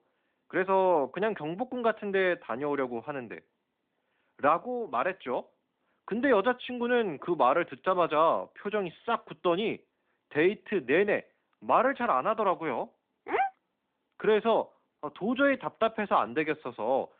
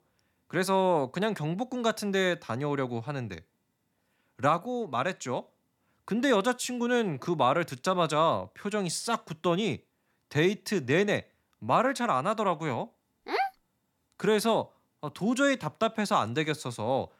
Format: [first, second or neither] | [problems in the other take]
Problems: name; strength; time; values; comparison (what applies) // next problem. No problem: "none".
second | phone-call audio